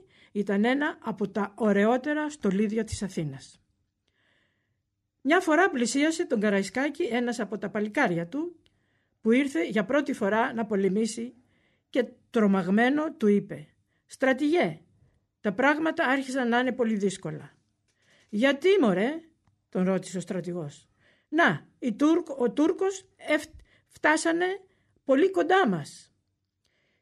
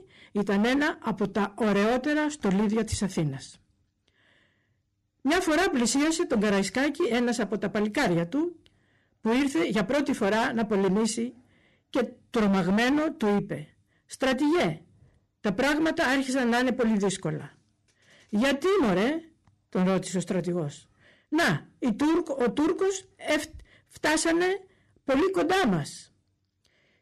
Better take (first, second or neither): first